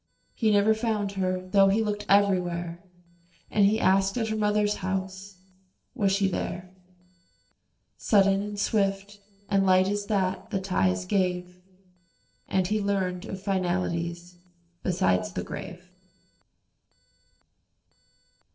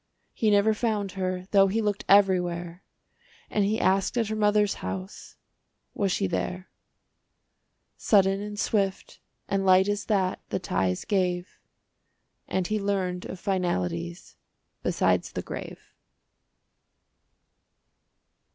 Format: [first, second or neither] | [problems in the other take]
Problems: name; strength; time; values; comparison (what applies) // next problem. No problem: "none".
second | noise reduction (neural separator model SepFormer DNS4)